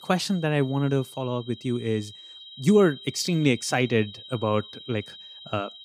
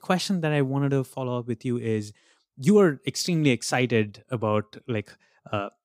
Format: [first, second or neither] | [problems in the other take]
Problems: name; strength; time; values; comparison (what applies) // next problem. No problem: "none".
second | high-pitched whine; noticeable; throughout; 4 kHz, 15 dB below the speech